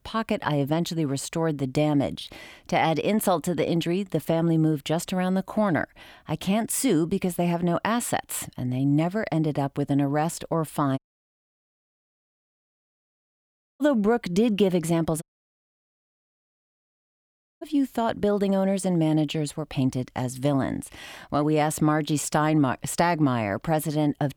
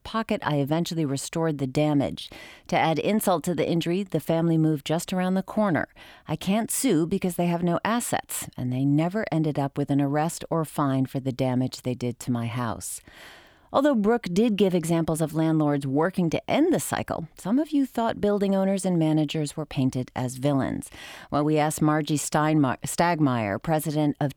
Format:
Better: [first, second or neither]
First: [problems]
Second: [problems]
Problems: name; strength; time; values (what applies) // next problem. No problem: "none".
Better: second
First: audio cutting out; at 11 s for 3 s and at 15 s for 2.5 s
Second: none